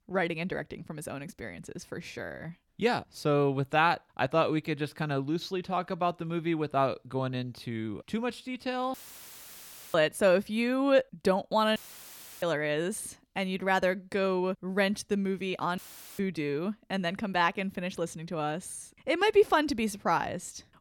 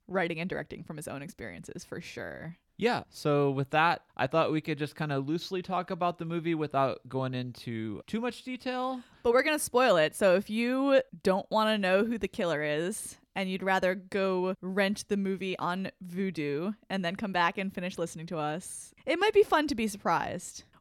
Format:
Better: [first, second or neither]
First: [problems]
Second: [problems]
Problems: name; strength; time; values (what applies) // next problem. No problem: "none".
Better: second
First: audio cutting out; filled with static; at 9 s for 1 s, at 12 s for 0.5 s and at 16 s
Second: none